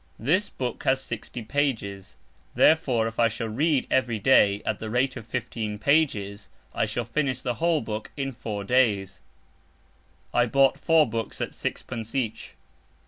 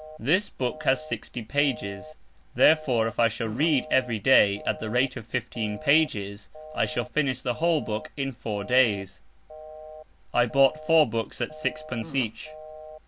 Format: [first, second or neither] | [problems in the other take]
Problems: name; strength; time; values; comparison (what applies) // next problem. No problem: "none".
first | background sound (Fart + Telephone); 16 dB below the speech